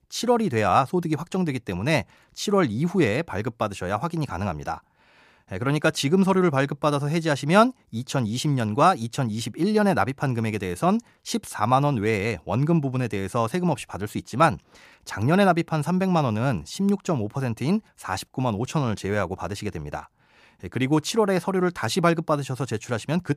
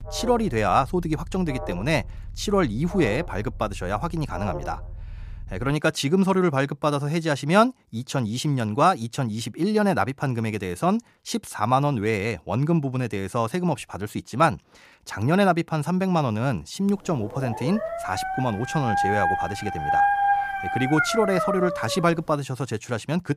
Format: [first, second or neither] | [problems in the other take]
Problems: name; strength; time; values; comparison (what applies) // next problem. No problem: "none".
first | alarm; noticeable; until 5.5 s; peak 10 dB below the speech // dog barking; loud; from 17 to 22 s; peak 5 dB above the speech